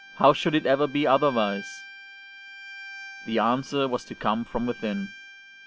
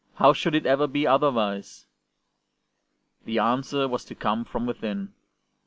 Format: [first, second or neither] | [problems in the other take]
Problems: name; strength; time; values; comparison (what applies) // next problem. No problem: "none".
second | background sound (Bowed string instrument); 17 dB below the speech